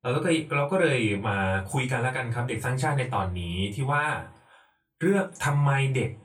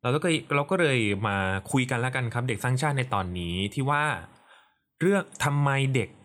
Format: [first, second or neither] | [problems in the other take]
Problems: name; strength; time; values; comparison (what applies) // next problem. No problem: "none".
second | off-mic speech; far // room echo; very slight; dies away in 0.2 s